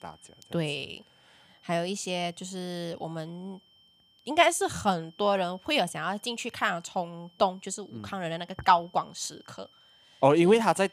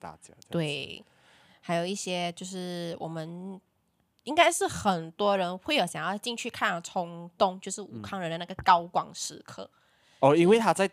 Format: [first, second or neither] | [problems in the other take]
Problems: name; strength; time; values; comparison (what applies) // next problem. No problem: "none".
second | high-pitched whine; faint; throughout; 3 kHz, 30 dB below the speech